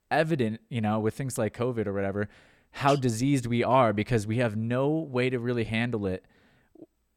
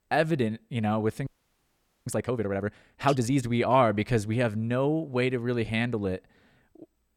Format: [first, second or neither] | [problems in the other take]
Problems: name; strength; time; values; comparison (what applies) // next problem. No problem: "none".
first | audio freezing; at 1.5 s for 1 s